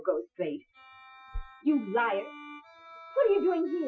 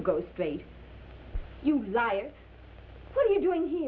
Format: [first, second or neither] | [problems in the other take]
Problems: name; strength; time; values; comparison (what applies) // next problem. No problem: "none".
second | noise reduction (classical method Wiener filter)